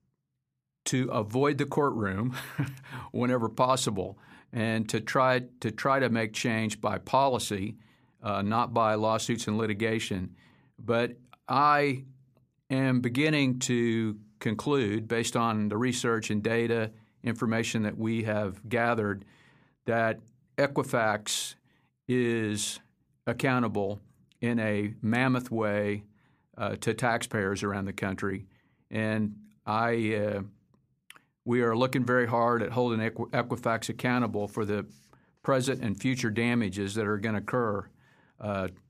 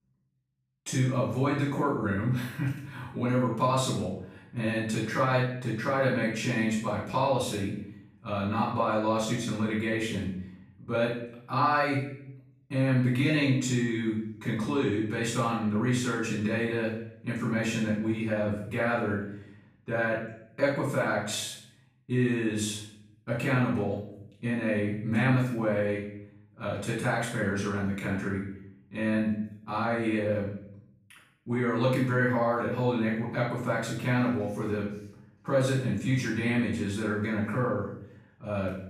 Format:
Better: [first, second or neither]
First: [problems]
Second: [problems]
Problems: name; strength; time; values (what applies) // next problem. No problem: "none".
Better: first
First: none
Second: off-mic speech; far // room echo; noticeable; dies away in 0.6 s